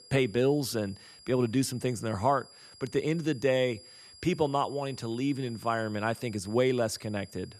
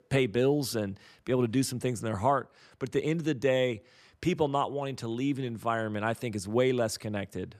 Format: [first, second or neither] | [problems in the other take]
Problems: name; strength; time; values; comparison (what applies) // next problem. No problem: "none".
second | high-pitched whine; faint; throughout; 5 kHz, 20 dB below the speech